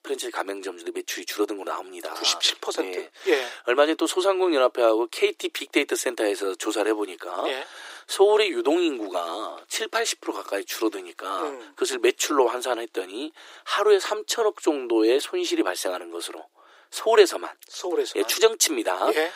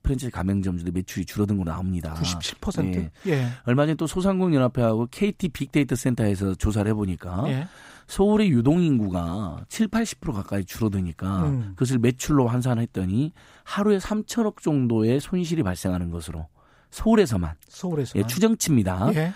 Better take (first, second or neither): second